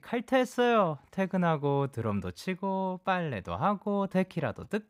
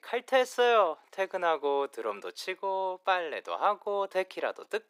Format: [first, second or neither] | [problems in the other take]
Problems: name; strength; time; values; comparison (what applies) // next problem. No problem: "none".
first | thin; very; fading below 350 Hz